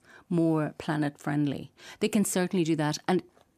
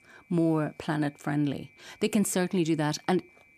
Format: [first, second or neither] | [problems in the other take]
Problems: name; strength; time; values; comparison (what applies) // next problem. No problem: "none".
first | high-pitched whine; faint; throughout; 2.5 kHz, 30 dB below the speech